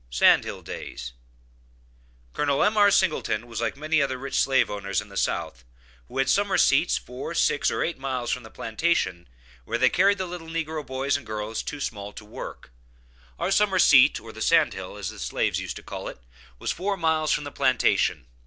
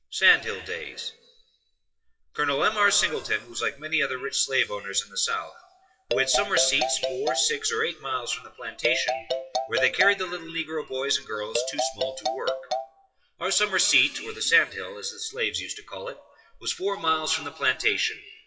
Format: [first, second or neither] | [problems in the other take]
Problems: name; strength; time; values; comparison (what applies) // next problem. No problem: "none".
first | noise reduction (classical method WPE with log-MMSE)